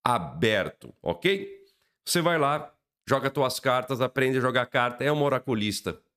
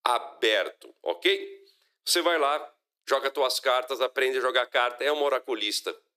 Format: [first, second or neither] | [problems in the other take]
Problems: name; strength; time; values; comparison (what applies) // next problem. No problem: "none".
first | thin; very; fading below 350 Hz